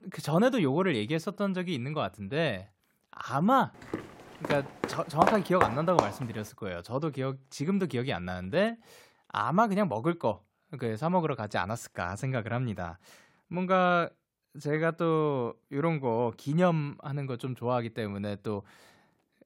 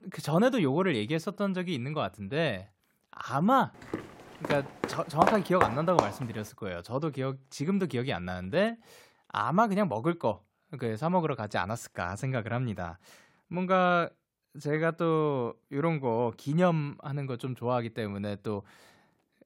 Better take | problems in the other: neither | footsteps; loud; from 4 to 6 s; peak 1 dB above the speech; the same in both

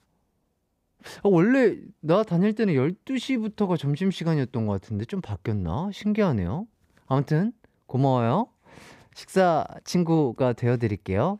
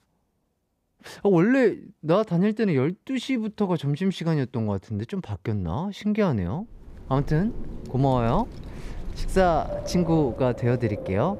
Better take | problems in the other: first | wind in the background; noticeable; from 7 s on; 10 dB below the speech

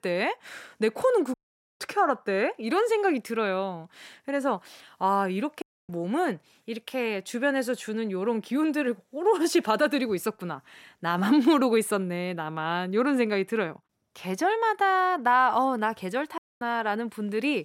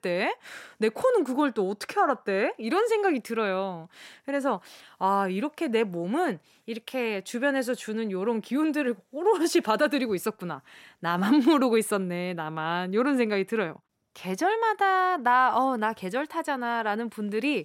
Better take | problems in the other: second | audio cutting out; at 1.5 s, at 5.5 s and at 16 s

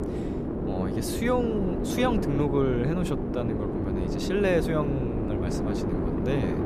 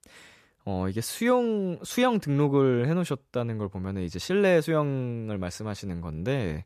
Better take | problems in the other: second | wind noise on the microphone; heavy; 3 dB below the speech

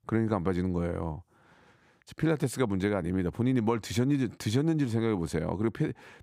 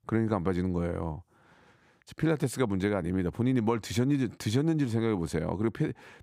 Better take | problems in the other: neither | none

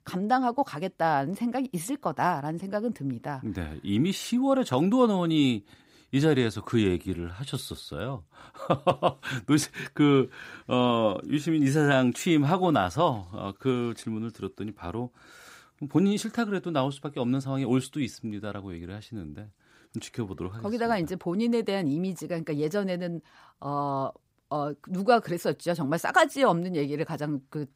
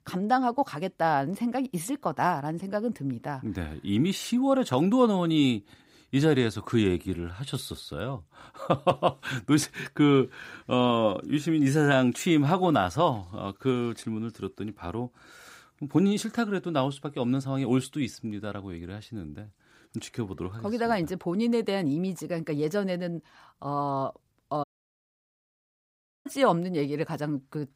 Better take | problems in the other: first | audio cutting out; at 25 s for 1.5 s

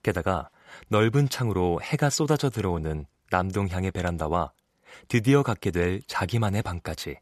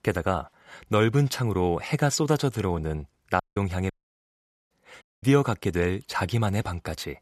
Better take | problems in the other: first | audio cutting out; at 3.5 s, at 4 s for 1 s and at 5 s

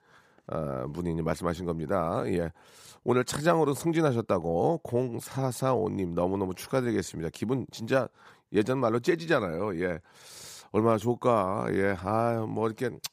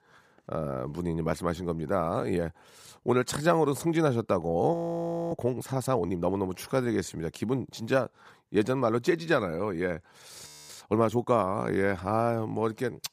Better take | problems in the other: first | audio freezing; at 4.5 s for 0.5 s and at 10 s

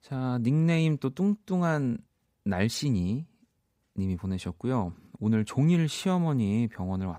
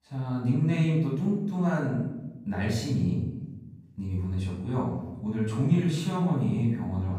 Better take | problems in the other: first | off-mic speech; far // room echo; noticeable; dies away in 0.9 s

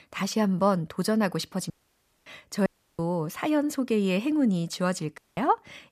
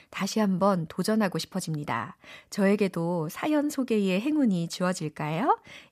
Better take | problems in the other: second | audio cutting out; at 1.5 s for 0.5 s, at 2.5 s and at 5 s

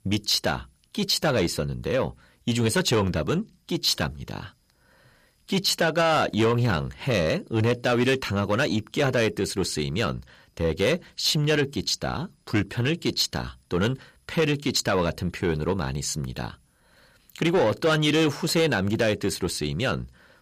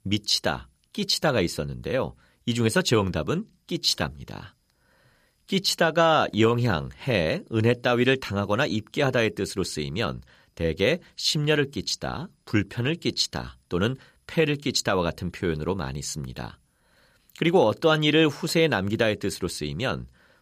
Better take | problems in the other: second | distortion; slight; 10 dB below the speech

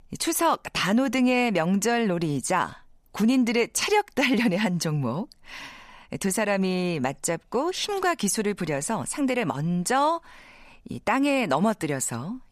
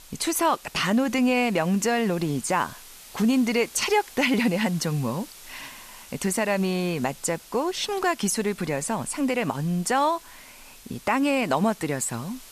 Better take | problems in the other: first | hiss; noticeable; throughout; 20 dB below the speech

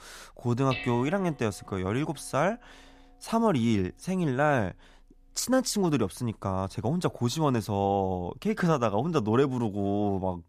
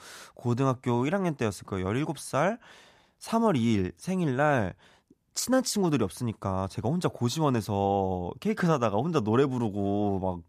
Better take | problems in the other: second | clattering dishes; noticeable; from 0.5 to 6.5 s; peak 8 dB below the speech

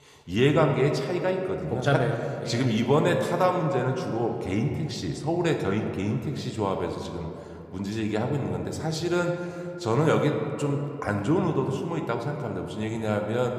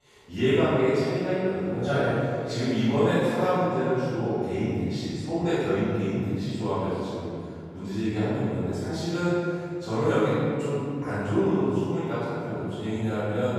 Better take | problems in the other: first | room echo; strong; dies away in 2.2 s; slight in the first // off-mic speech; far

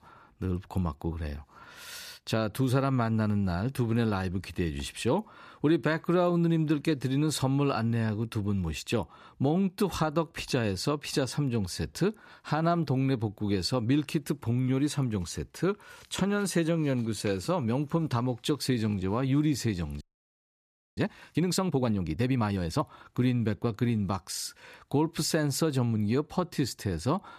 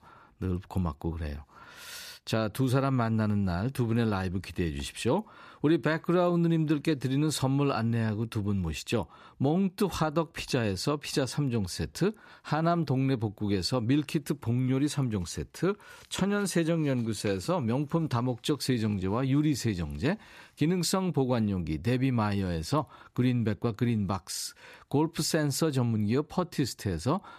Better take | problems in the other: second | audio freezing; at 20 s for 1 s

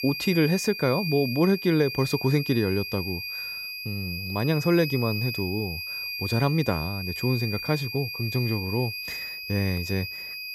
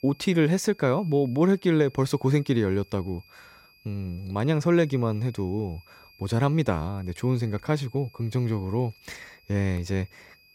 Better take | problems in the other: second | high-pitched whine; loud; throughout; 2.5 kHz, 6 dB below the speech; faint in the second

